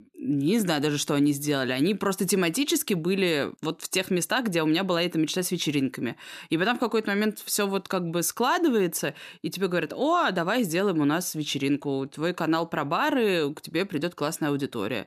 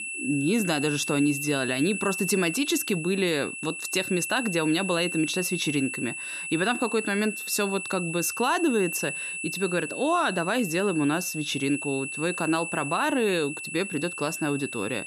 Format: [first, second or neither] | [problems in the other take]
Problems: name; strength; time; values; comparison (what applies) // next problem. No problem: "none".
first | high-pitched whine; loud; throughout; 2.5 kHz, 6 dB below the speech